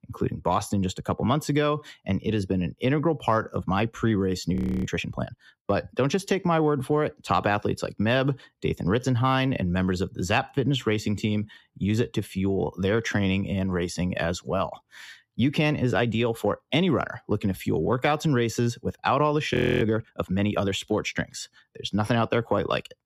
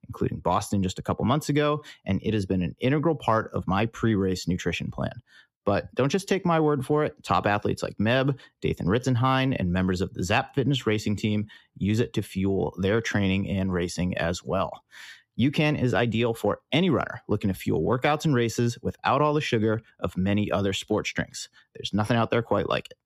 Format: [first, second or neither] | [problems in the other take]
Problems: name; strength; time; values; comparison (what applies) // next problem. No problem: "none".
second | audio freezing; at 4.5 s and at 20 s